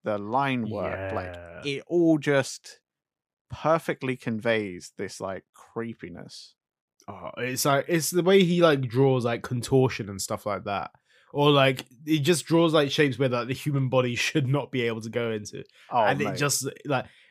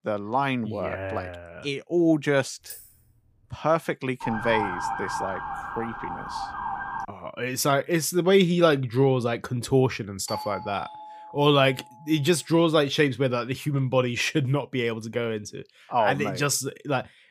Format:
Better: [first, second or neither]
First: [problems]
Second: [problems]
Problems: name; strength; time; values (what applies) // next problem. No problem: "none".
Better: first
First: none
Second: jangling keys; faint; at 2.5 s; peak 15 dB below the speech // siren; noticeable; from 4 to 7 s; peak 3 dB below the speech // doorbell; faint; from 10 to 12 s; peak 10 dB below the speech